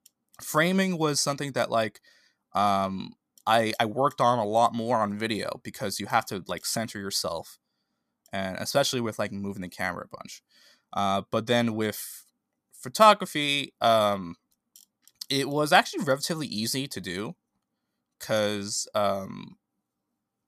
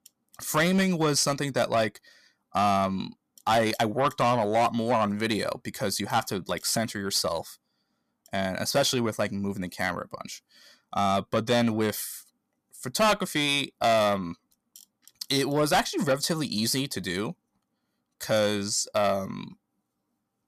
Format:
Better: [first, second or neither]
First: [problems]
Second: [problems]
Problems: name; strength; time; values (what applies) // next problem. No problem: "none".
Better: first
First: none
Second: distortion; heavy; 8 dB below the speech